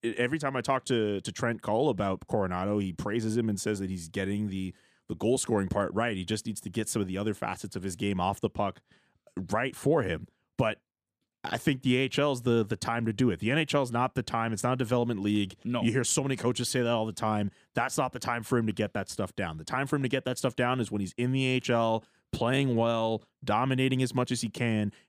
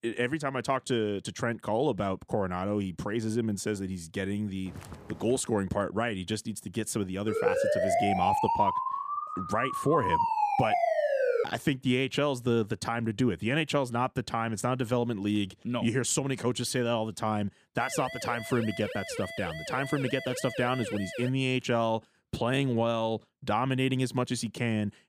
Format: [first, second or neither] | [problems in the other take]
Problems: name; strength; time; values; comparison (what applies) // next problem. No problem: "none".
first | footsteps; faint; at 4.5 s; peak 15 dB below the speech // siren; loud; from 7.5 to 11 s; peak 4 dB above the speech // siren; noticeable; from 18 to 21 s; peak 7 dB below the speech